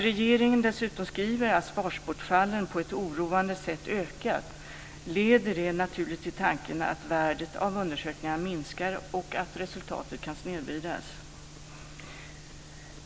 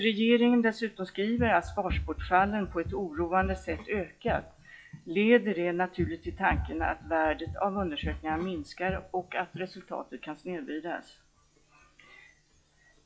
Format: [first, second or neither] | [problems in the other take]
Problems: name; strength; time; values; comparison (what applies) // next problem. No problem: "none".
first | noise reduction (classical method log-MMSE)